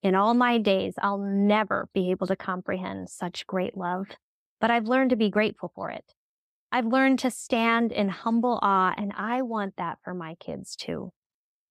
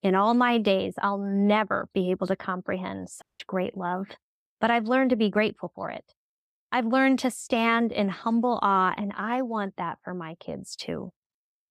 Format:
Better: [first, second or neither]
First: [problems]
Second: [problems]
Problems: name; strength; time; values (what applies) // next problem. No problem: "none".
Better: first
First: none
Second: audio cutting out; at 3 s